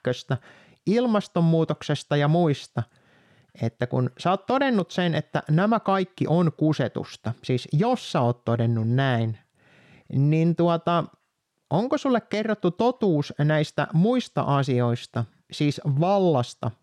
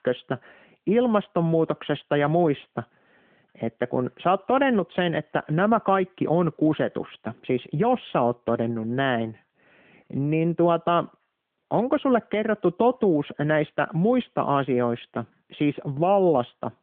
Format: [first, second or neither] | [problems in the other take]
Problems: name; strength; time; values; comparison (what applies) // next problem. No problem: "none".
first | phone-call audio; nothing above 3.5 kHz